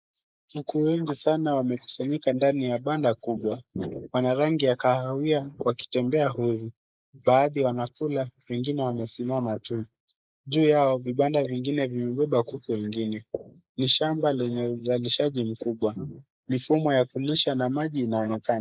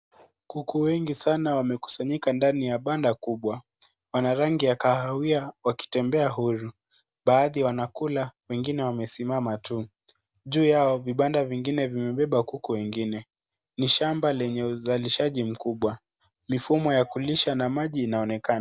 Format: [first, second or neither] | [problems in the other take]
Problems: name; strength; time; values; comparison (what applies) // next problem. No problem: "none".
second | noise reduction (neural mask model Resemble Enhance denoiser)